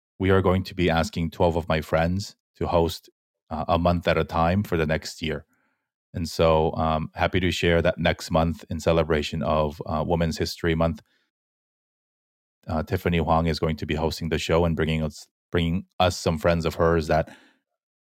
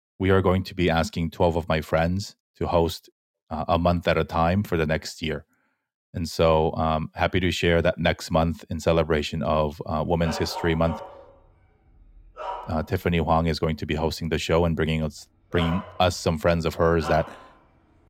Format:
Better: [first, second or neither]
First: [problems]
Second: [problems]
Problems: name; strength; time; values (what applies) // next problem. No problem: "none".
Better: first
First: none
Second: dog barking; noticeable; from 10 to 17 s; peak 9 dB below the speech